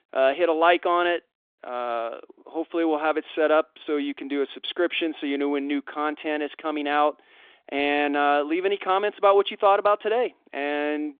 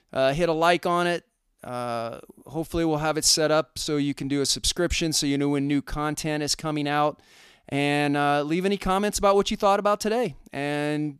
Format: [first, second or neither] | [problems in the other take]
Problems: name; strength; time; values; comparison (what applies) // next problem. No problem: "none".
second | phone-call audio; nothing above 3.5 kHz